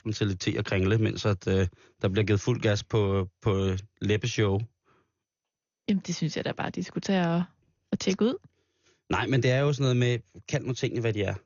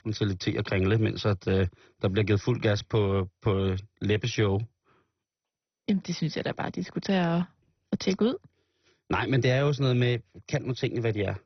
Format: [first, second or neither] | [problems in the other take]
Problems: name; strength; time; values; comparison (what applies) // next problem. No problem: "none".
first | garbled, watery; badly; nothing above 6 kHz; slightly in the first